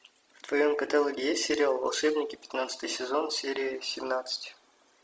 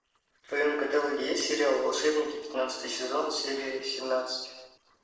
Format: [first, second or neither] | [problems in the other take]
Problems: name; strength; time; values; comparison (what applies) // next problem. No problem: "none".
first | noise reduction (neural separator model SepFormer DNS4)